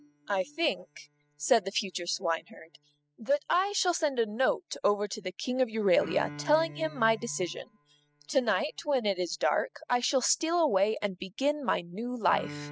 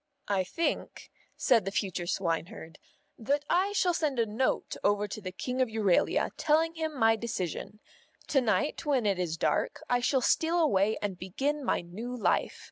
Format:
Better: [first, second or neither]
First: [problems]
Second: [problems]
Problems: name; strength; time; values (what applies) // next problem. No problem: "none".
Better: second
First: noise reduction (classical method spectral subtraction)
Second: none